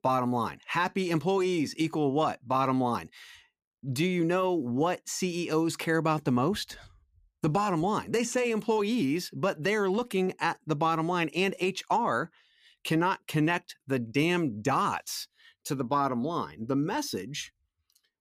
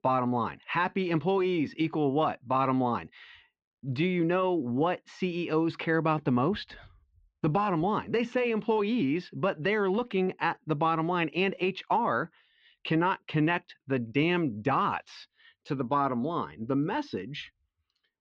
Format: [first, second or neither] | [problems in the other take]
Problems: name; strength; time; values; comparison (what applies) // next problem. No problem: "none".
first | muffled; slightly; fading above 3.5 kHz